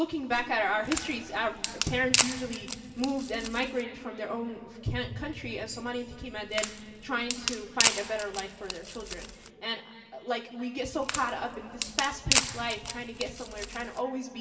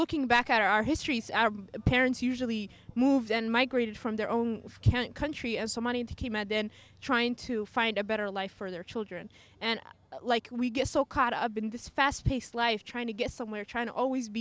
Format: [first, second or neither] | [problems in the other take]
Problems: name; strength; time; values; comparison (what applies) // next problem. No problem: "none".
second | background sound (Wood); as loud as the speech // room echo; dies away in 2.8 s